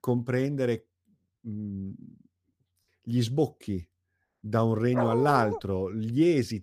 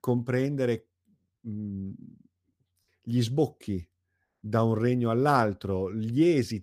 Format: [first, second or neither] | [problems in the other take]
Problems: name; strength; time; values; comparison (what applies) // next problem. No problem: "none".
second | dog barking; noticeable; at 5 s; peak 3 dB below the speech